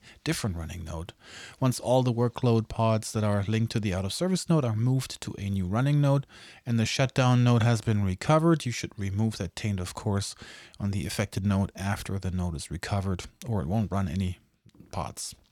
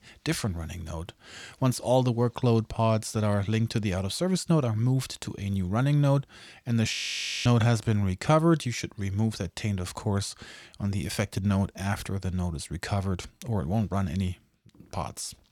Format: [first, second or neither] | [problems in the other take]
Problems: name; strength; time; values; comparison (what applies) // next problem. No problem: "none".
first | audio freezing; at 7 s for 0.5 s